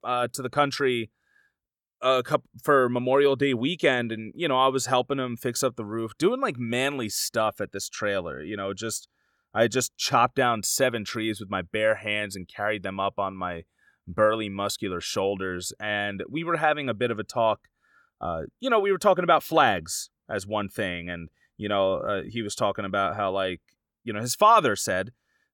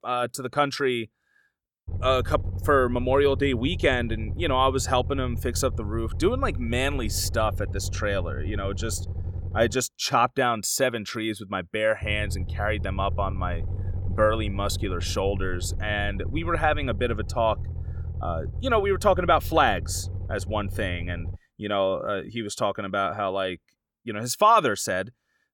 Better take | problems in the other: first | low rumble; faint; from 2 to 9.5 s and from 12 to 21 s; 20 dB below the speech

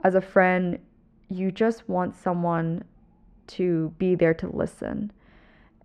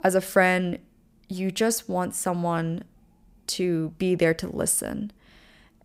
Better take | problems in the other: second | muffled; very; fading above 2 kHz

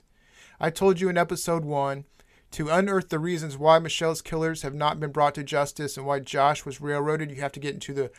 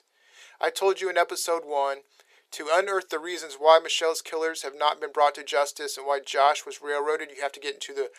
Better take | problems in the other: first | thin; very; fading below 400 Hz

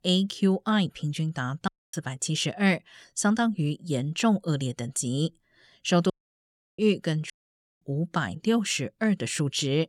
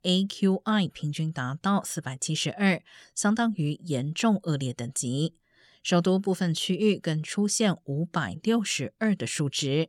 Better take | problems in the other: second | audio cutting out; at 1.5 s, at 6 s for 0.5 s and at 7.5 s for 0.5 s

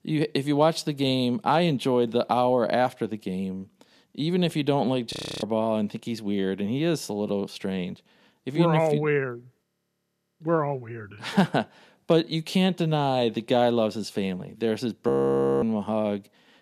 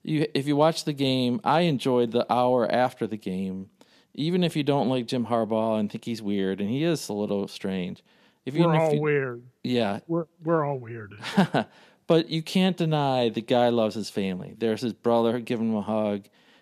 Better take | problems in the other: second | audio freezing; at 5 s, at 9.5 s for 1 s and at 15 s for 0.5 s

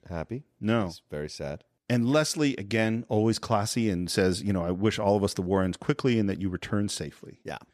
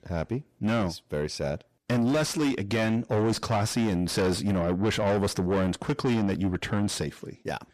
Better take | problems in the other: first | distortion; heavy; 7 dB below the speech

